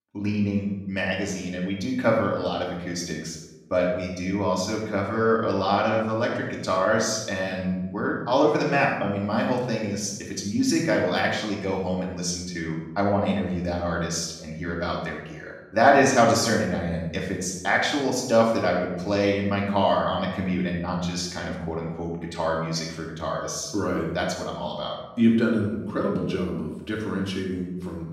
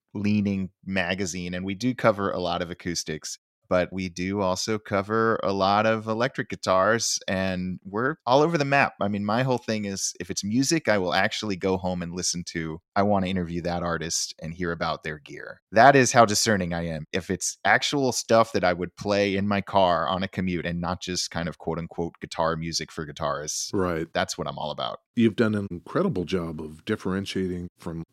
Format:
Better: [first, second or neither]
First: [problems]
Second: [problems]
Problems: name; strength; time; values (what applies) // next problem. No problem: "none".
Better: second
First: off-mic speech; far // room echo; noticeable; dies away in 0.9 s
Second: none